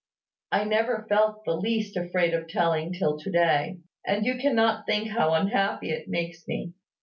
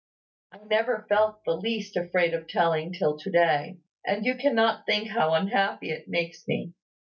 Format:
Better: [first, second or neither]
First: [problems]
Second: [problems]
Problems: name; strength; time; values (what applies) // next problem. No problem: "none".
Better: first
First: none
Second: noise reduction (neural mask model DeepFilterNet 3)